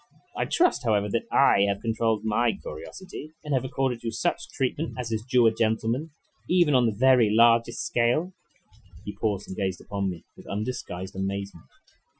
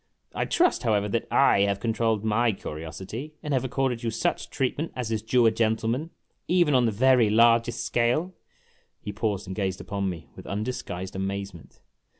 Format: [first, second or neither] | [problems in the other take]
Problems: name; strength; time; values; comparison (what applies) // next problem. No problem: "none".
second | noise reduction (classical method Wiener filter)